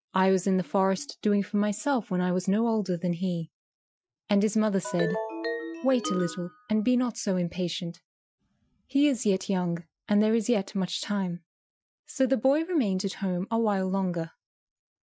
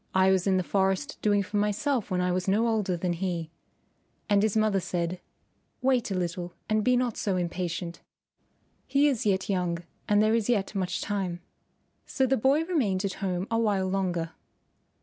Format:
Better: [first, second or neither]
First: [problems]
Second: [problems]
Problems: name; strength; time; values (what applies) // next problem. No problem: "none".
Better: second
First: noise reduction (classical method Wiener filter)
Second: none